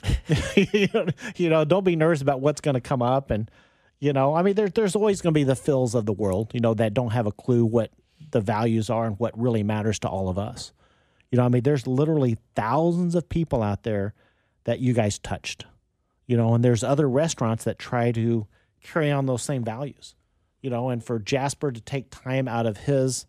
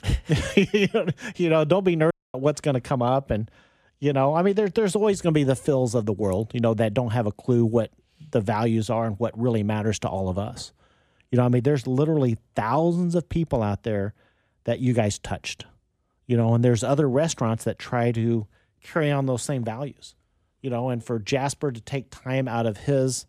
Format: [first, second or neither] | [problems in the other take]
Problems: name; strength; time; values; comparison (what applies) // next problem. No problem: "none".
first | audio cutting out; at 2 s